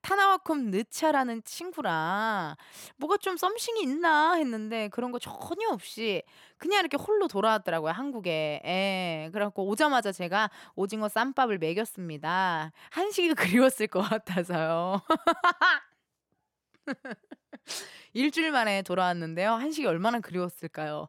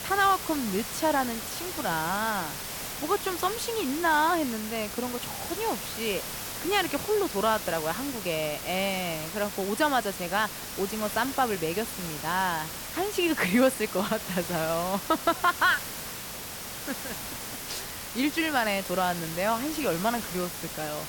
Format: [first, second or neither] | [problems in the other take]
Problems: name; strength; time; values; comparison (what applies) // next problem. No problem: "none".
first | hiss; loud; throughout; 6 dB below the speech